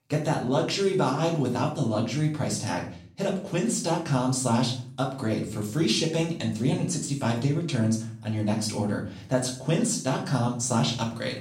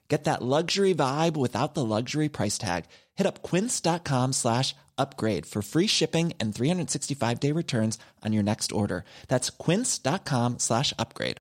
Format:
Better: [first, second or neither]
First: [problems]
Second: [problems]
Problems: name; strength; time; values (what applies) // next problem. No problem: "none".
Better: second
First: room echo; slight; dies away in 0.5 s // off-mic speech; far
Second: none